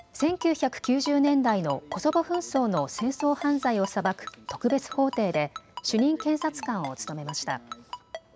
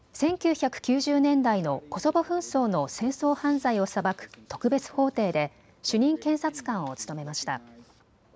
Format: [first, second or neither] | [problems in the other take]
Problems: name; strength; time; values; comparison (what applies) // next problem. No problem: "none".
second | background sound (Ringtone); 15 dB below the speech